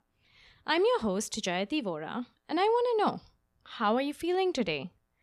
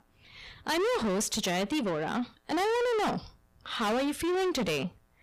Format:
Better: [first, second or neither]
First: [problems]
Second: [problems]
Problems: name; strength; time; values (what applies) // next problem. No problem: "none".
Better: first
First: none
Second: distortion; heavy; 6 dB below the speech